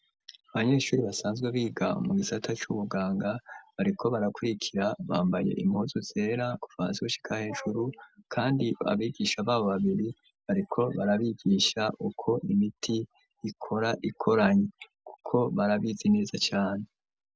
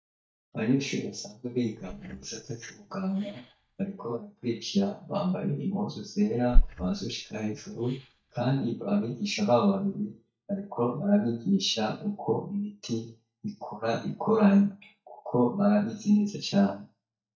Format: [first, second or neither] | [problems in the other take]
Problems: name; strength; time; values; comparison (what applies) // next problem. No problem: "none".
first | noise reduction (neural mask model DeepFilterNet 3)